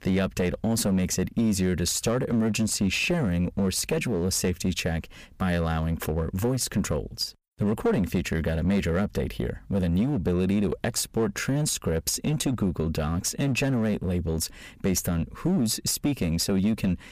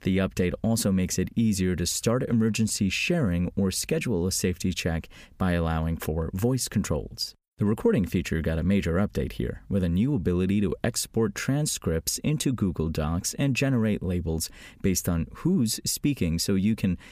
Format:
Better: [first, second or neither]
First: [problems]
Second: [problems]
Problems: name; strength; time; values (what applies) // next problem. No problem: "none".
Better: second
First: distortion; slight; 10% of the sound clipped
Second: none